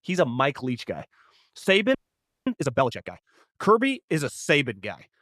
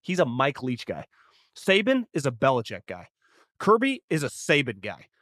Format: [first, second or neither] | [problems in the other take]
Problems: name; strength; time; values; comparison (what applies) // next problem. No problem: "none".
second | audio freezing; at 2 s for 0.5 s